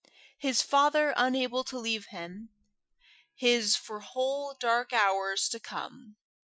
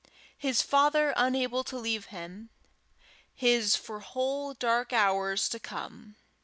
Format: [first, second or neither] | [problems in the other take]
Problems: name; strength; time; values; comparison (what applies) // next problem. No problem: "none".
second | noise reduction (classical method Wiener filter)